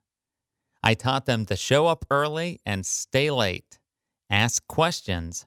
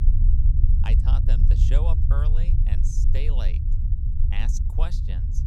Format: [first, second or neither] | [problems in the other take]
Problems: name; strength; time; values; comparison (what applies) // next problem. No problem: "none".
first | low rumble; loud; throughout; 2 dB below the speech